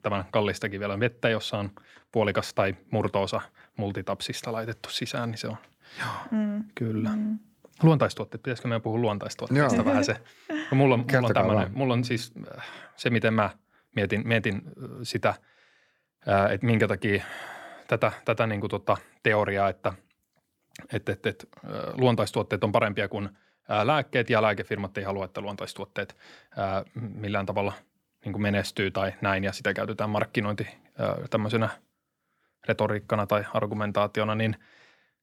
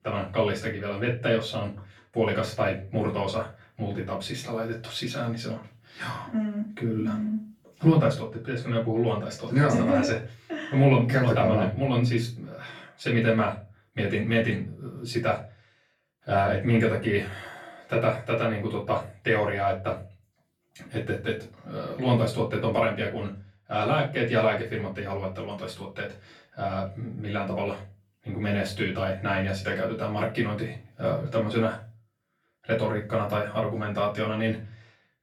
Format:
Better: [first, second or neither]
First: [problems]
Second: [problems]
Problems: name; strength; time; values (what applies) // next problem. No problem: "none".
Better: first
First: none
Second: off-mic speech; far // room echo; slight; dies away in 0.3 s